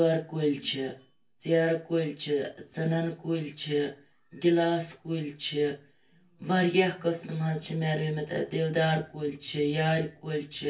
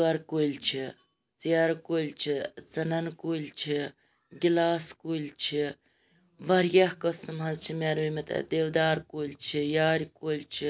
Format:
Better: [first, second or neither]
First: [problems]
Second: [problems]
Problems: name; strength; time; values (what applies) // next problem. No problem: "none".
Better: second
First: room echo; dies away in 0.3 s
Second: none